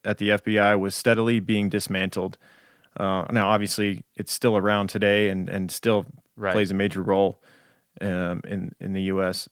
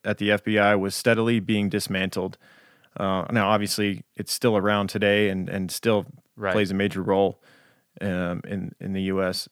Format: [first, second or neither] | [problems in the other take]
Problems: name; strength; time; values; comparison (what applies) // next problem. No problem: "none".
second | garbled, watery; slightly